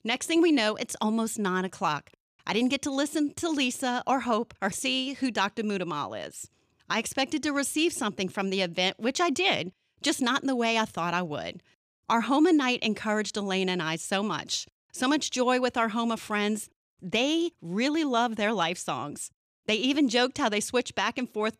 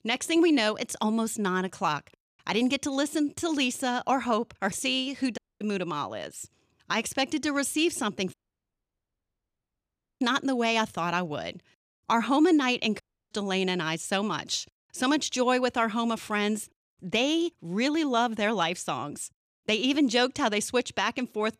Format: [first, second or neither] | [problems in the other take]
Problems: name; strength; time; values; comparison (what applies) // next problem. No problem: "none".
first | audio cutting out; at 5.5 s, at 8.5 s for 2 s and at 13 s